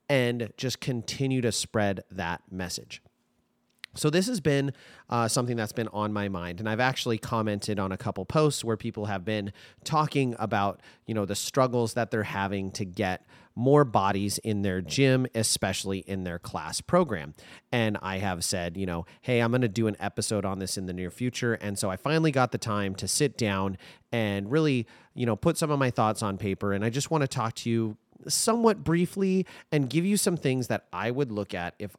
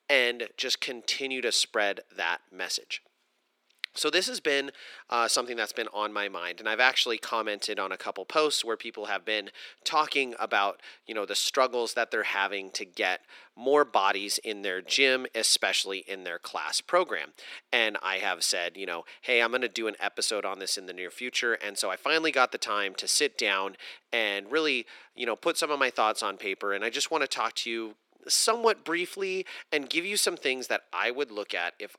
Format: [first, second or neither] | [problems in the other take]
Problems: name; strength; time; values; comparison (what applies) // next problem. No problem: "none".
first | thin; very; fading below 350 Hz